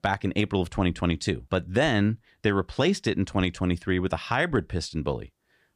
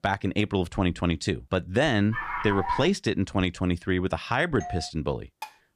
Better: first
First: none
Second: dog barking; noticeable; at 2 s; peak 3 dB below the speech // doorbell; faint; at 4.5 s; peak 10 dB below the speech // clattering dishes; faint; at 5.5 s; peak 15 dB below the speech

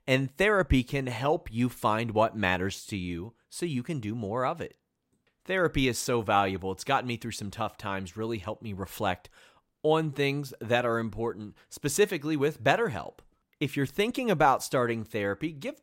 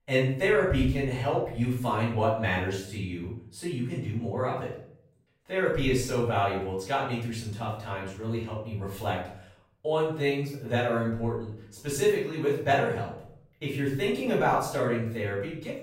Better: first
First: none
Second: off-mic speech; far // room echo; noticeable; dies away in 0.5 s

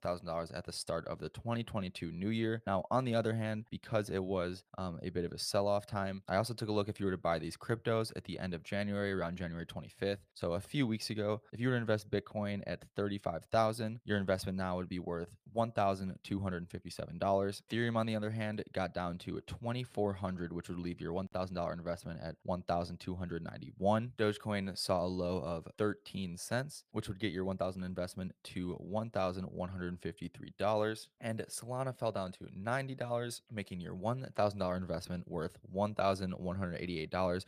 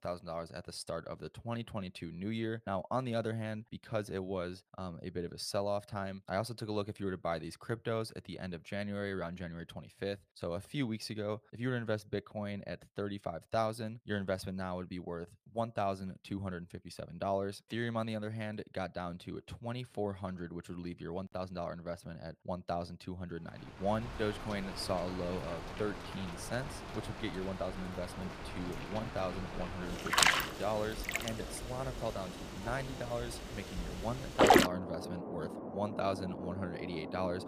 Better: first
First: none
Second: rain or running water; very loud; from 24 s on; 3 dB above the speech

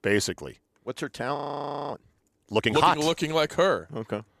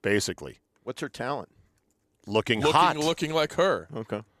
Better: second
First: audio freezing; at 1.5 s for 0.5 s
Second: none

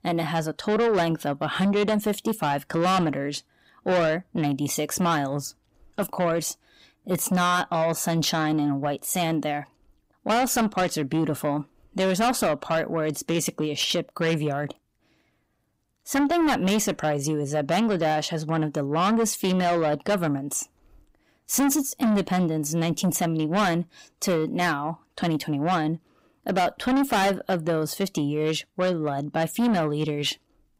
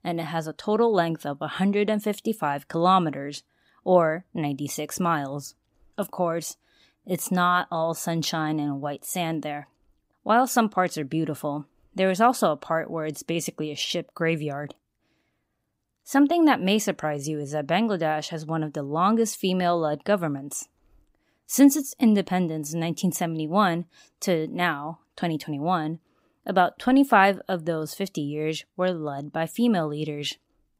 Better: second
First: distortion; heavy; 6 dB below the speech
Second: none

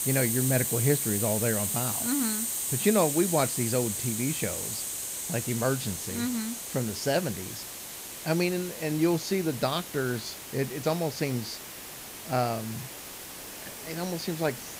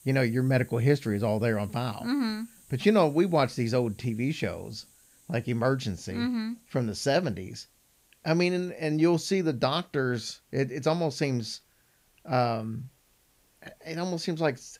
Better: second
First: hiss; loud; throughout; 3 dB below the speech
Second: hiss; faint; throughout; 30 dB below the speech

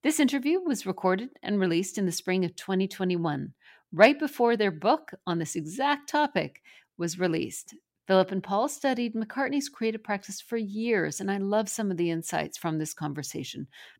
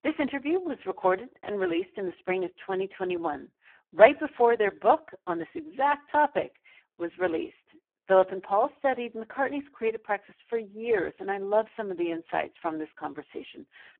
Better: first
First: none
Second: phone-call audio; poor line

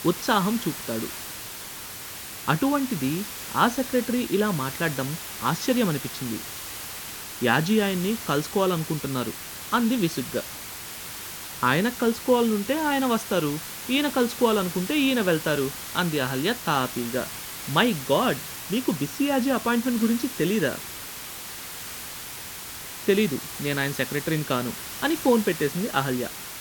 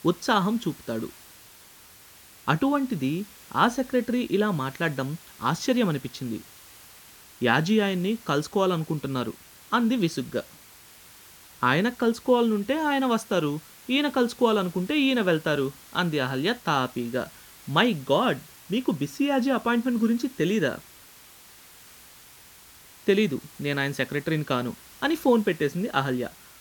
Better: second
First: hiss; loud; throughout; 9 dB below the speech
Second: hiss; faint; throughout; 20 dB below the speech

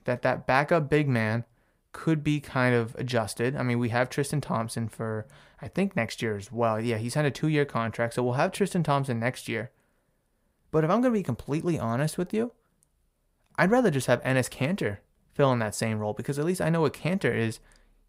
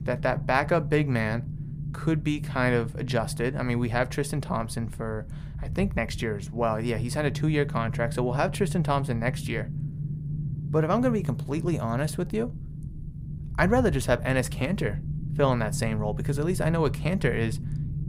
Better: first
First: none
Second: low rumble; noticeable; throughout; 15 dB below the speech

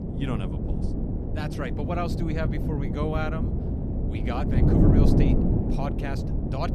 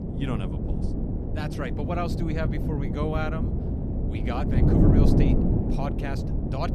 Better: neither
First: wind noise on the microphone; heavy; 1 dB above the speech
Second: wind noise on the microphone; heavy; 1 dB above the speech

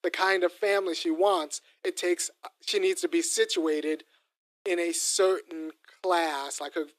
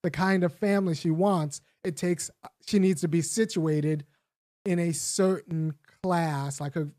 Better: second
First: thin; very; fading below 300 Hz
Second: none

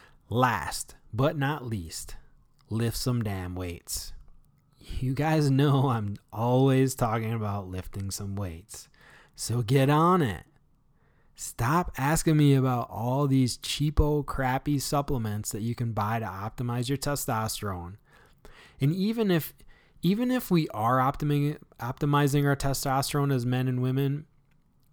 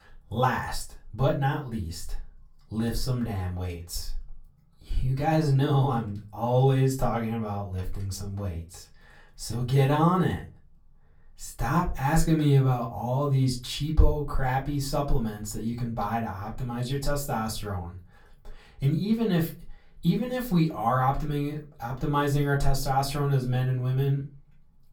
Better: first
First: none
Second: off-mic speech; far // room echo; very slight; dies away in 0.2 s

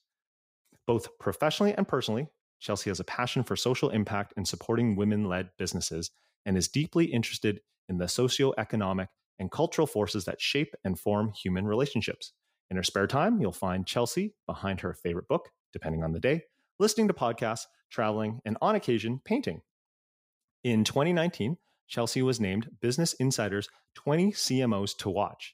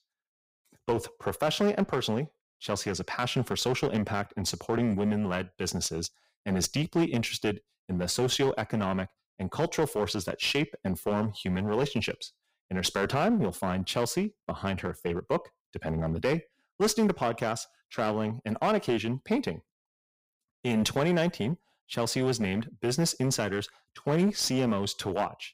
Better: first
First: none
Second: distortion; slight; 7% of the sound clipped

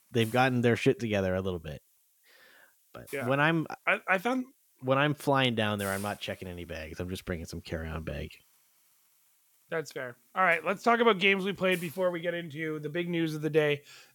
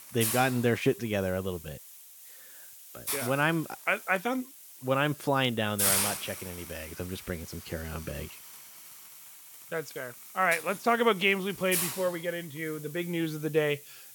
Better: first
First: hiss; faint; throughout; 25 dB below the speech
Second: hiss; loud; throughout; 6 dB below the speech

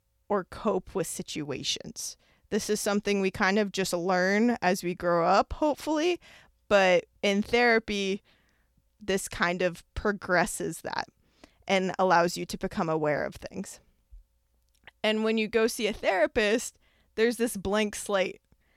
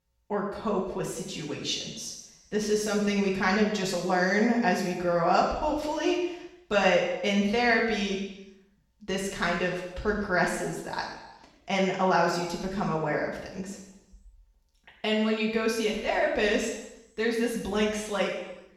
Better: first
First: none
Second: room echo; noticeable; dies away in 0.9 s // off-mic speech; far

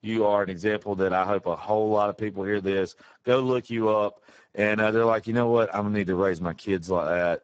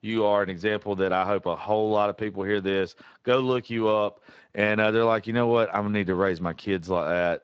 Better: second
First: garbled, watery; badly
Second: garbled, watery; slightly

